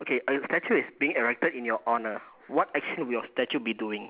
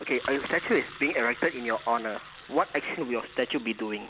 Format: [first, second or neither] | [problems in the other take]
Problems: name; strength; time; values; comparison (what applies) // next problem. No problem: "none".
first | background sound (Engine); 16 dB below the speech